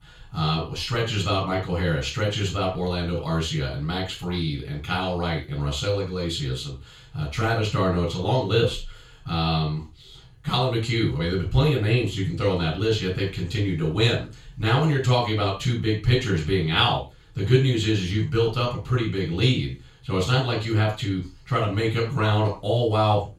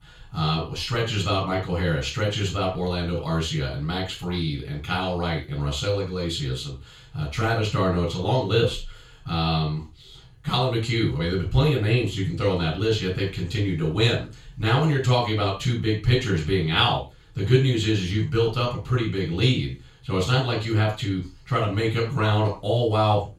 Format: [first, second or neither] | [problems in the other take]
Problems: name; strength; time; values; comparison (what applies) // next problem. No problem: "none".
neither | room echo; noticeable; dies away in 0.3 s; the same in both // off-mic speech; far; the same in both